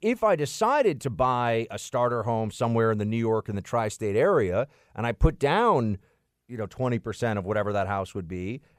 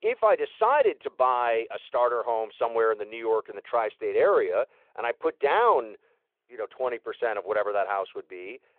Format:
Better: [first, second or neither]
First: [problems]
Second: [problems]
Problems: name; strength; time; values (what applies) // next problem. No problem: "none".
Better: first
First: none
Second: phone-call audio